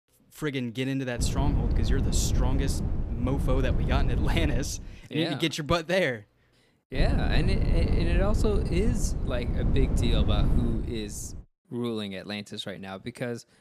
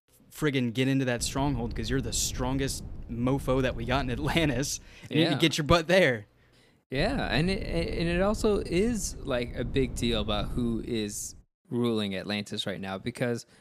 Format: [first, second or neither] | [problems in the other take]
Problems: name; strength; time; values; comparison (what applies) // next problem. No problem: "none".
second | wind noise on the microphone; heavy; from 1 to 5 s and from 7 to 11 s; 7 dB below the speech; occasional gusts in the second